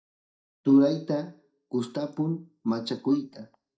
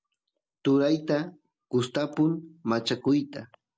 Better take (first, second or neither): second